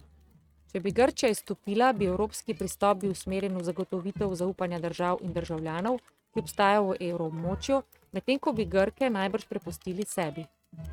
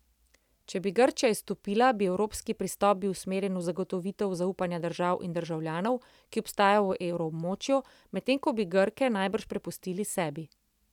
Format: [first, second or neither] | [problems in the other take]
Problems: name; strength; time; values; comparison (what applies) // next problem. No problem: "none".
second | noise reduction (neural mask model RNNoise)